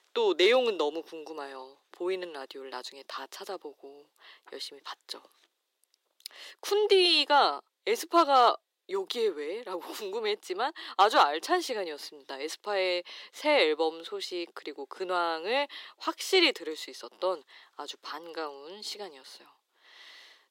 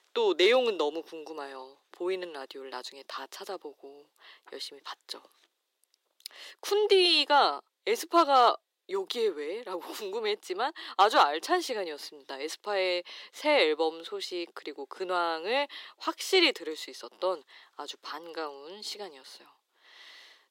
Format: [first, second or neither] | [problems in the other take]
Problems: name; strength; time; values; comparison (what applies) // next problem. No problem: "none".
neither | thin; very; fading below 350 Hz; the same in both